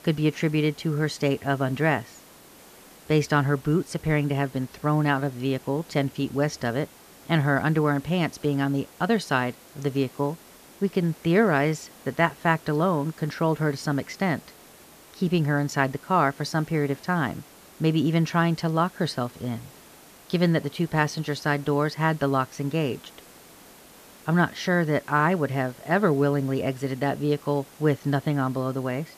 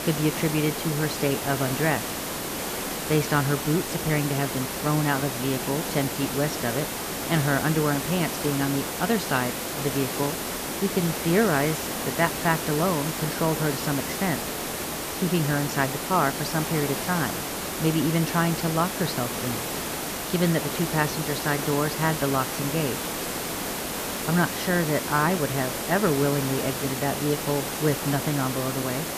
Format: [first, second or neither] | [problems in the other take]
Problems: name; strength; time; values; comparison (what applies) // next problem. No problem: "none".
first | hiss; loud; throughout; 3 dB below the speech; faint in the first